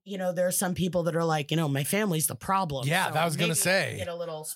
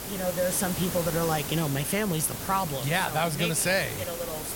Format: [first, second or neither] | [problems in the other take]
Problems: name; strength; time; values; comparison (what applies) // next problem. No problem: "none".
first | hiss; loud; throughout; 6 dB below the speech